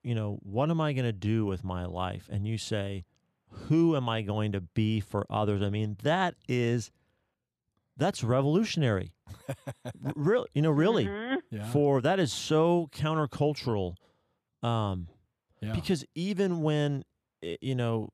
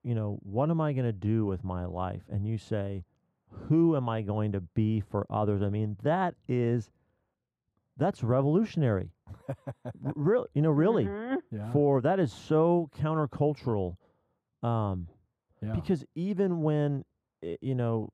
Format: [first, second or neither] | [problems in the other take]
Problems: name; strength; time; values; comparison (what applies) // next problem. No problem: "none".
first | muffled; slightly; fading above 2 kHz